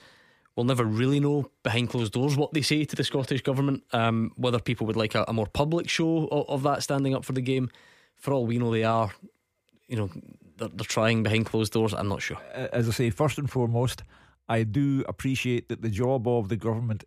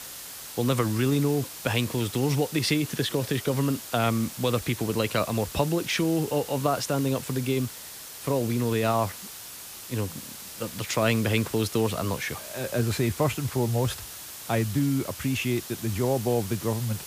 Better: first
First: none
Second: hiss; noticeable; throughout; 10 dB below the speech

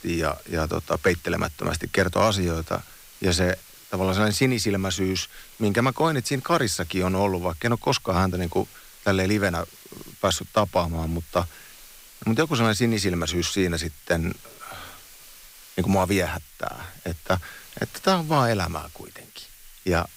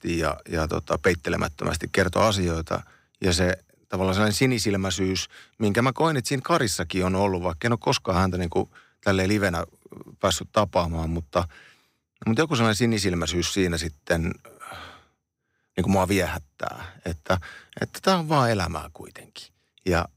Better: second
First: hiss; faint; throughout; 20 dB below the speech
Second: none

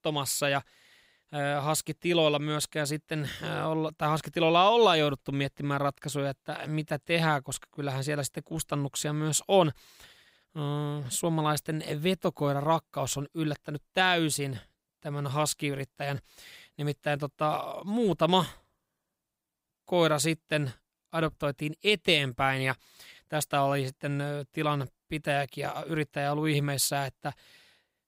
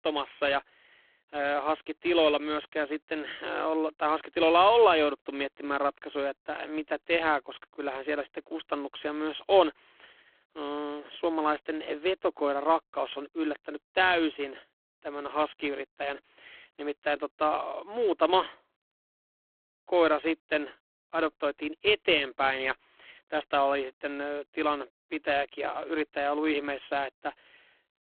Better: first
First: none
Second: phone-call audio; poor line

